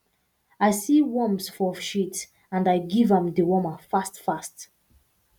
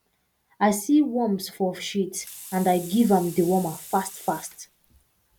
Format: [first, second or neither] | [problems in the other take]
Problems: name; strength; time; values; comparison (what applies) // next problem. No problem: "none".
first | background sound (Sink (filling or washing) / Water tap, faucet); 17 dB below the speech